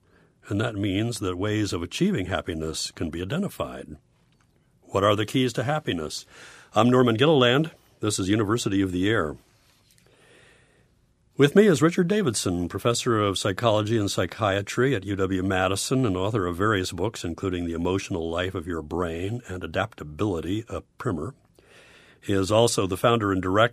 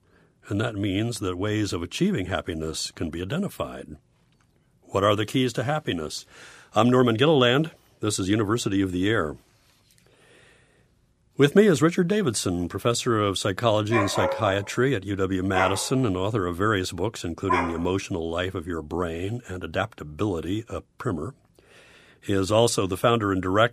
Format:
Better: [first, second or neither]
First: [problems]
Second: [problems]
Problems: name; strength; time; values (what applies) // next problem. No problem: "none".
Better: first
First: none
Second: dog barking; noticeable; from 14 to 18 s; peak level with the speech